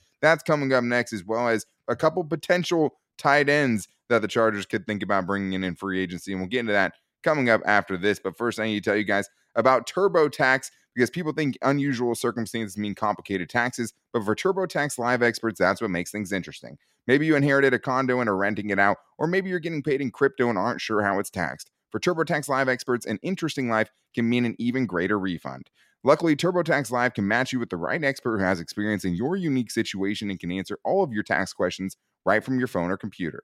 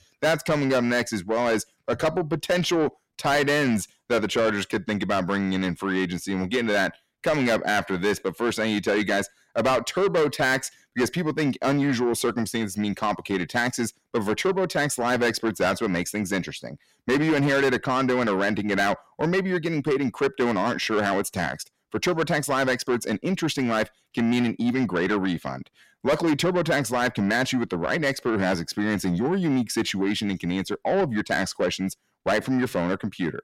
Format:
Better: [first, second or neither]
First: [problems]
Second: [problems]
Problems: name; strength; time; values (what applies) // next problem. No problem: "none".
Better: first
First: none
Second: distortion; heavy; 8 dB below the speech